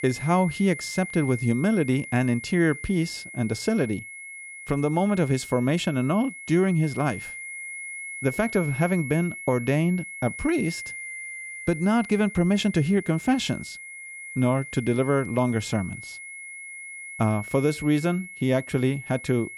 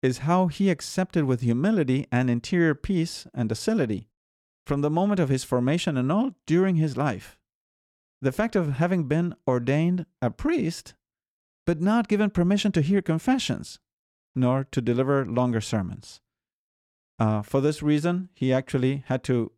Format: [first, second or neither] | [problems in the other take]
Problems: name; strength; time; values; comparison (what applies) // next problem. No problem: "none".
second | high-pitched whine; noticeable; throughout; 2 kHz, 10 dB below the speech